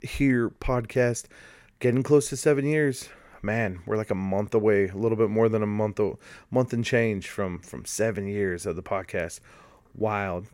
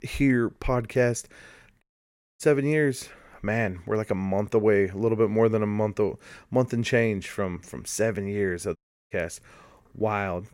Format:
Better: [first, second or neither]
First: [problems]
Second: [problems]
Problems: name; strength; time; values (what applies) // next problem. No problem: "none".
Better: first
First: none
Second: audio cutting out; at 2 s for 0.5 s and at 9 s